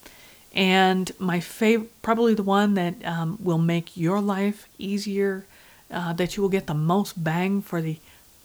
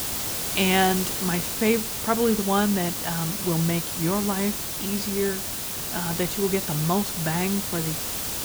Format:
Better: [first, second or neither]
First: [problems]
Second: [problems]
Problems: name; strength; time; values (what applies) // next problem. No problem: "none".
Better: first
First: hiss; faint; throughout; 30 dB below the speech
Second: hiss; loud; throughout; 1 dB below the speech